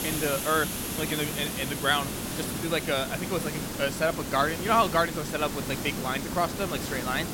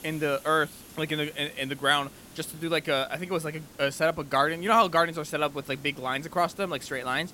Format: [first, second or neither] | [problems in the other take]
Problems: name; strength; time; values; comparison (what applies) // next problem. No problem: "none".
second | hiss; loud; throughout; 4 dB below the speech; faint in the second